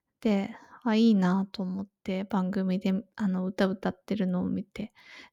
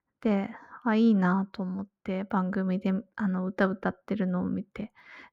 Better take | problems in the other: first | muffled; slightly; fading above 3 kHz

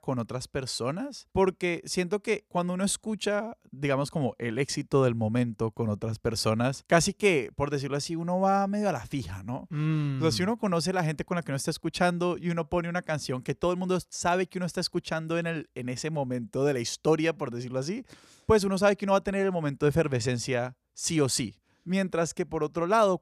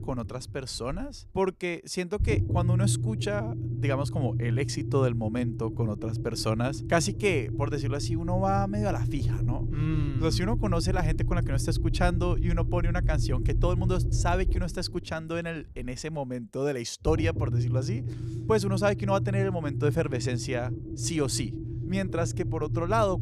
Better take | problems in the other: first | low rumble; noticeable; throughout; 10 dB below the speech

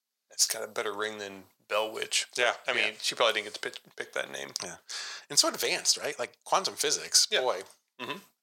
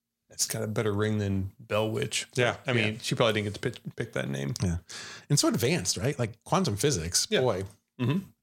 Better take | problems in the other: second | thin; very; fading below 700 Hz

